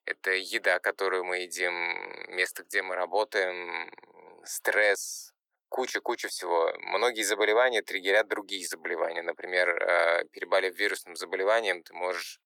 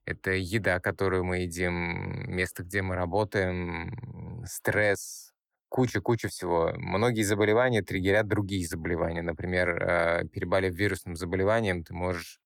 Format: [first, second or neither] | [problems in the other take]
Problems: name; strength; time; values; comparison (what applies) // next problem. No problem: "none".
second | thin; very; fading below 400 Hz